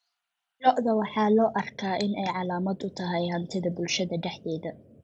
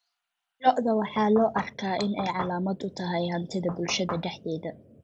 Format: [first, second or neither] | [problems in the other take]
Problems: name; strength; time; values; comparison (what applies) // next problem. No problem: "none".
first | background sound (Knock / Wood); 10 dB below the speech